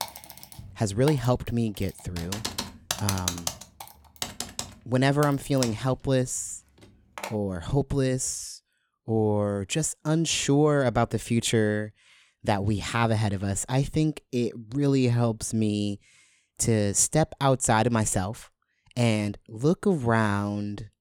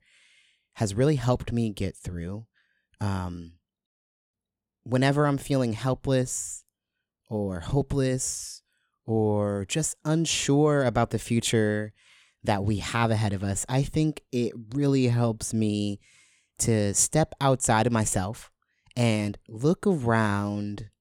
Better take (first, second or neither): second